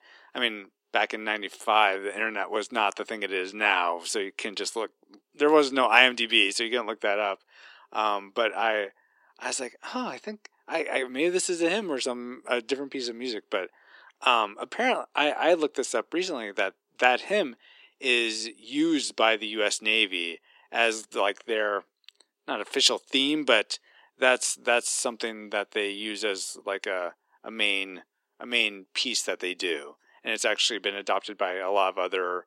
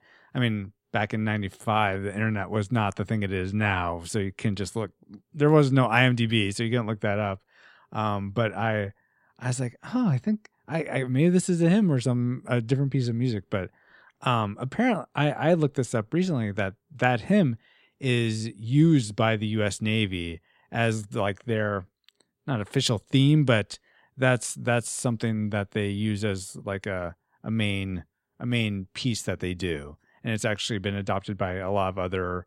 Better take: second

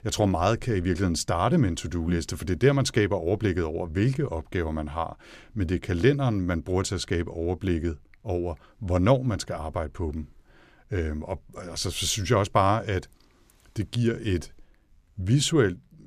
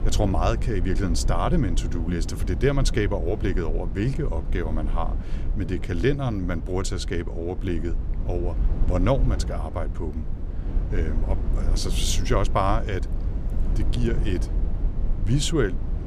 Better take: first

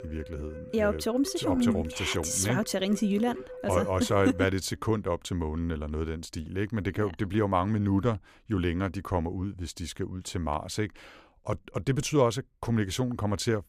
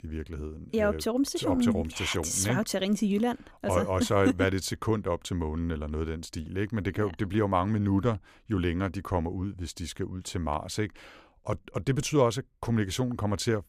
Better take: second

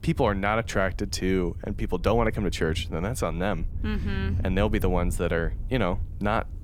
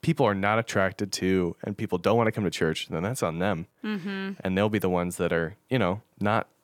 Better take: second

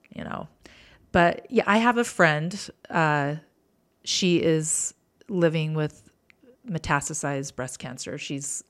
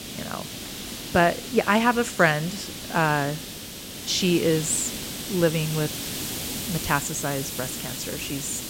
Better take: first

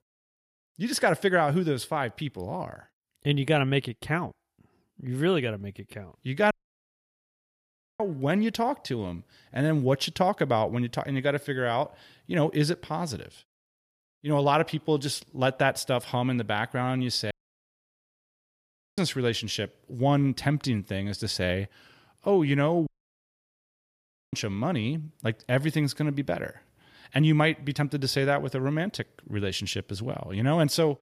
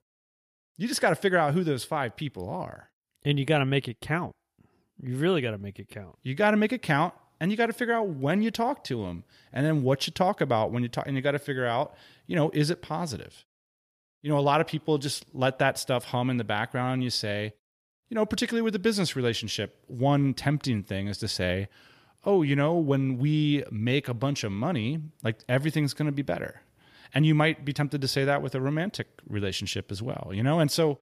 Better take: second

